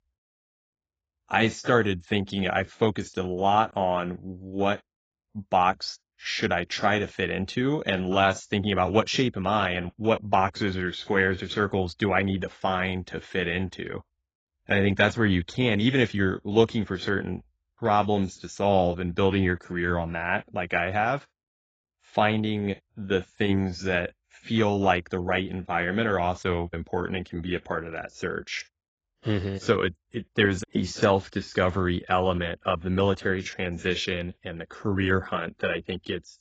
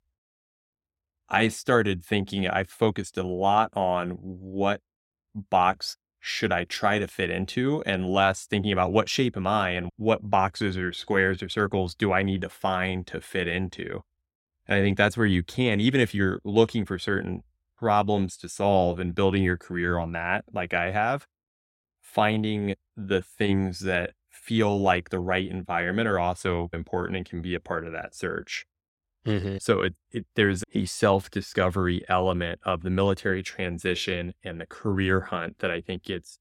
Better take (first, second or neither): second